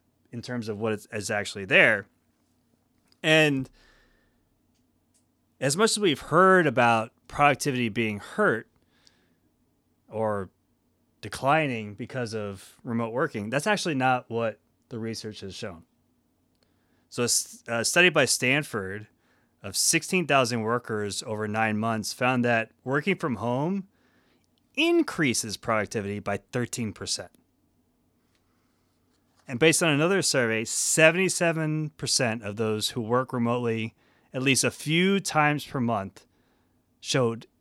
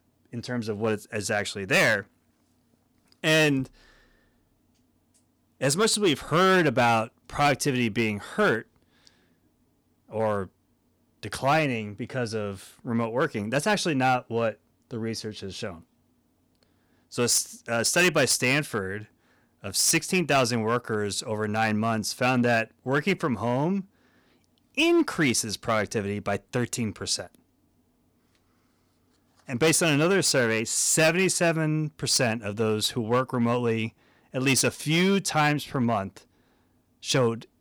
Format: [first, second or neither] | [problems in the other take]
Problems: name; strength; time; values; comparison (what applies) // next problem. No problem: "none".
first | distortion; slight; 3% of the sound clipped